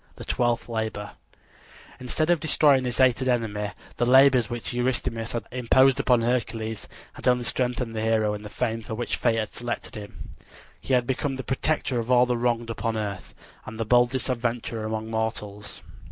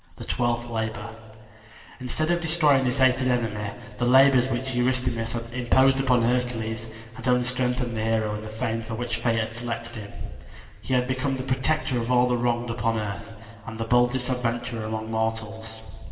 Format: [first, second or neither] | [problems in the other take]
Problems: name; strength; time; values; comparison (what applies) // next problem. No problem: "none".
first | room echo; dies away in 2.2 s